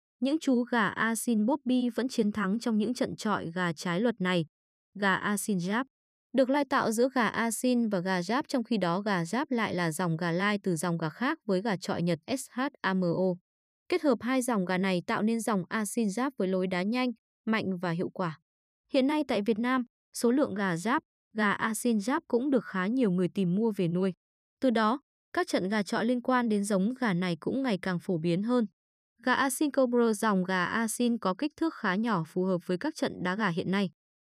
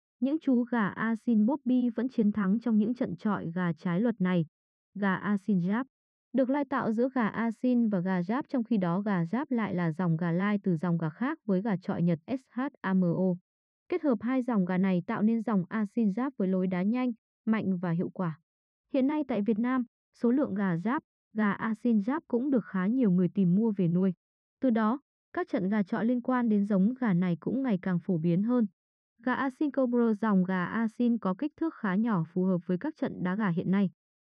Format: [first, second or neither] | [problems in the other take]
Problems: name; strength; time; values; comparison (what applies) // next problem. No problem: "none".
first | muffled; very; fading above 2 kHz